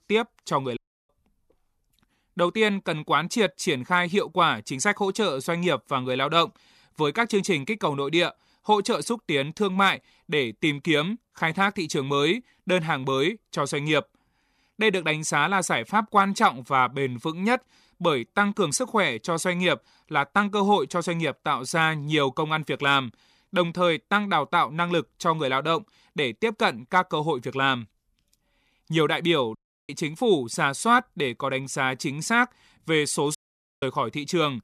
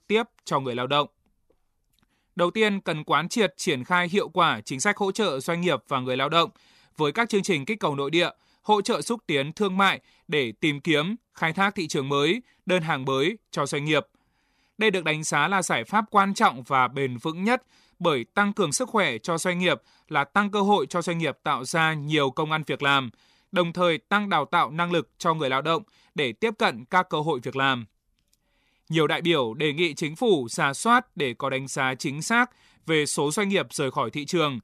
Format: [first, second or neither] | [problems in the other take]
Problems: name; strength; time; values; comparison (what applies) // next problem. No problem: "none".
second | audio cutting out; at 1 s, at 30 s and at 33 s